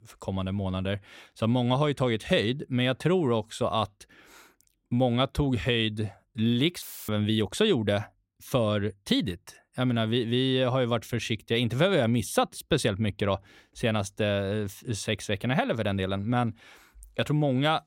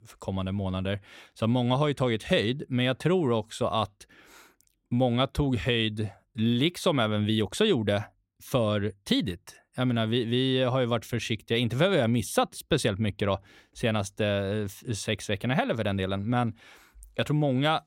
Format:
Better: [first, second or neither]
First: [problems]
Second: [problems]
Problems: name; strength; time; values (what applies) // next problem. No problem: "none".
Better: second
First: audio cutting out; filled with static; at 7 s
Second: none